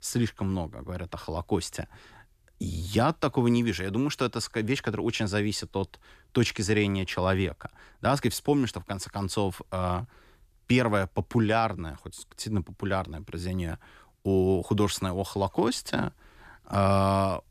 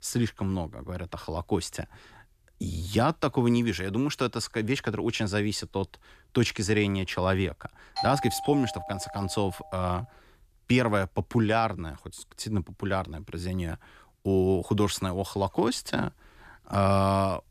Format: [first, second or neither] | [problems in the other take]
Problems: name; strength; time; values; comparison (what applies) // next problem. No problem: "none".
first | doorbell; noticeable; from 8 to 9.5 s; peak 4 dB below the speech